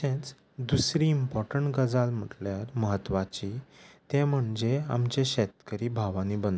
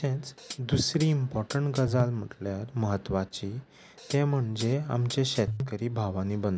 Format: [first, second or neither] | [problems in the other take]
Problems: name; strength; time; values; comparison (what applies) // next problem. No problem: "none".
first | background sound (Hi-hat); 10 dB below the speech